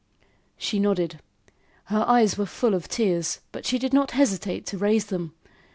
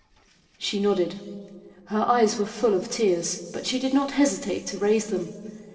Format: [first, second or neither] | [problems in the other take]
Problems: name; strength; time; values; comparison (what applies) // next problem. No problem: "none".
first | noise reduction (neural separator model SepFormer DNS4)